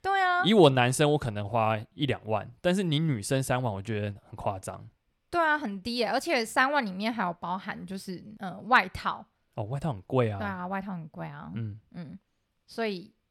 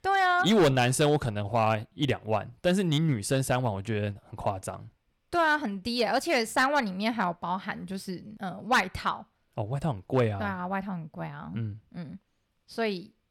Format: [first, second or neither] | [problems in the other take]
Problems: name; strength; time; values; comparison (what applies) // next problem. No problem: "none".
first | distortion; slight; 2% of the sound clipped